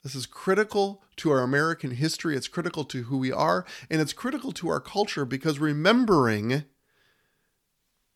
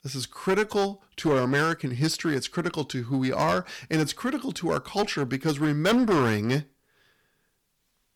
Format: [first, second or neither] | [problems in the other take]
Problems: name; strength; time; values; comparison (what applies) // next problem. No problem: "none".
first | distortion; slight; 6% of the sound clipped